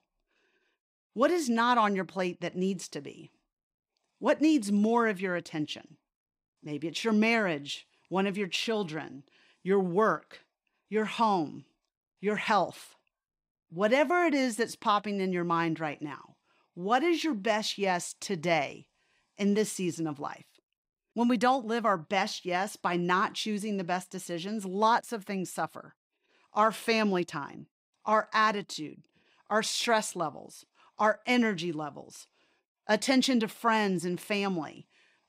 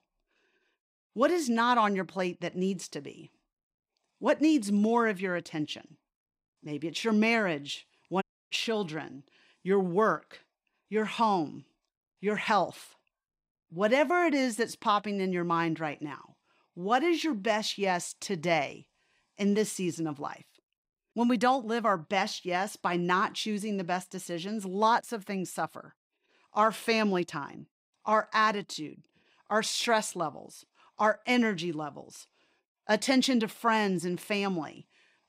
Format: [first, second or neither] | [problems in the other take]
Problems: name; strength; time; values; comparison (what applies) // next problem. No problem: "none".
first | audio cutting out; at 8 s